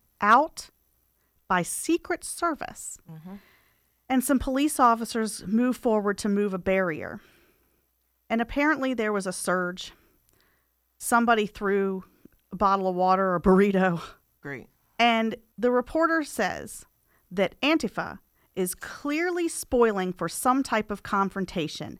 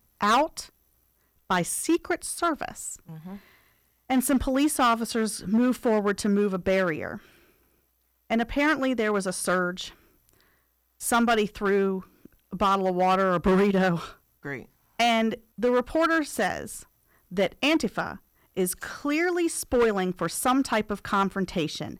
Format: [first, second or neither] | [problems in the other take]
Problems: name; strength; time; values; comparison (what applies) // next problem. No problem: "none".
first | distortion; slight; 5% of the sound clipped